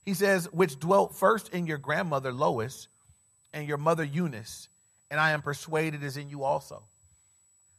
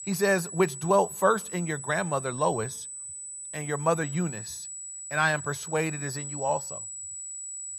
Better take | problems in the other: first | high-pitched whine; loud; throughout; 8 kHz, 8 dB below the speech; faint in the first

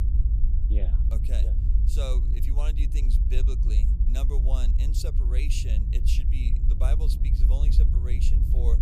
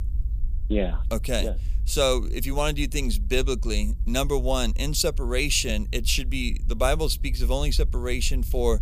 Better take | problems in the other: second | low rumble; loud; throughout; 3 dB below the speech; faint in the second

